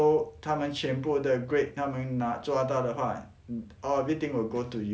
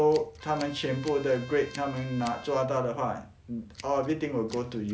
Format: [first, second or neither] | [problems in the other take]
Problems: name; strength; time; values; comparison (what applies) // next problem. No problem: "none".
first | background sound (Scissors + Trumpet); 20 dB below the speech